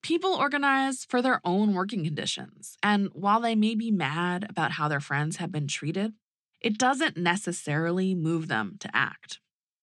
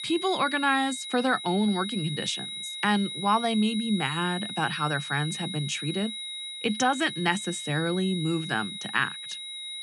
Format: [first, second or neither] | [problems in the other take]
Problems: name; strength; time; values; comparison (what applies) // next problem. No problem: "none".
first | high-pitched whine; loud; throughout; 4 kHz, 7 dB below the speech